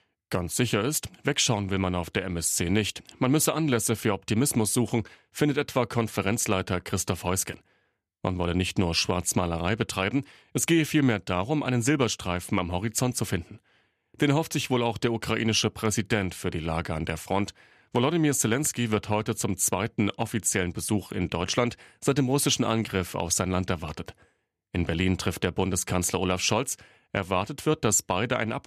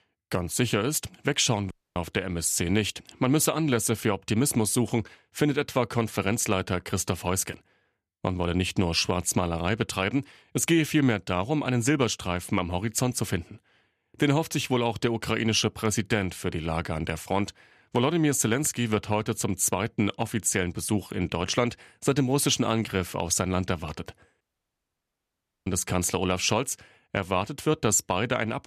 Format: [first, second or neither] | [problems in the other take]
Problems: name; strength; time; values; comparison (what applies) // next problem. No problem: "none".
first | audio cutting out; at 1.5 s and at 24 s for 1.5 s